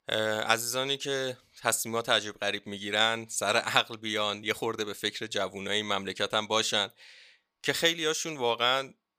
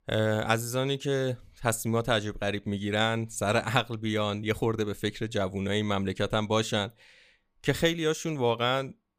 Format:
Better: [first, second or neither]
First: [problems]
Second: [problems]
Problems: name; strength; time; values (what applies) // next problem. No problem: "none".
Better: second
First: thin; somewhat; fading below 800 Hz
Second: none